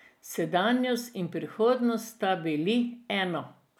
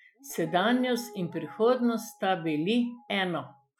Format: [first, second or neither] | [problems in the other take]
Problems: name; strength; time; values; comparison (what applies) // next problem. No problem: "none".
first | noise reduction (classical method Wiener filter)